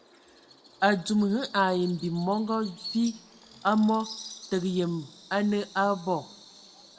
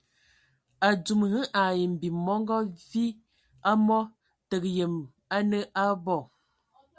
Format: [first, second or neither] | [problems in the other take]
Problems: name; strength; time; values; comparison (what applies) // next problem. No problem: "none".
second | background sound (Bird vocalization, bird call, bird song); 19 dB below the speech // room echo; dies away in 1.1 s